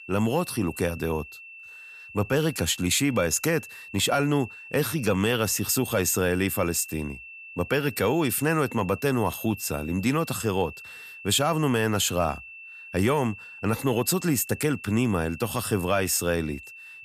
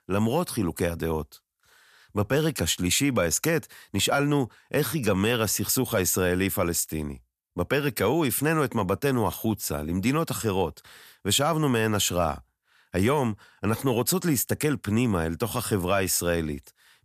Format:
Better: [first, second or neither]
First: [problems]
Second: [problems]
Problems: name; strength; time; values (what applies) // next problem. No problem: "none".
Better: second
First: high-pitched whine; noticeable; throughout; 2.5 kHz, 15 dB below the speech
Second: none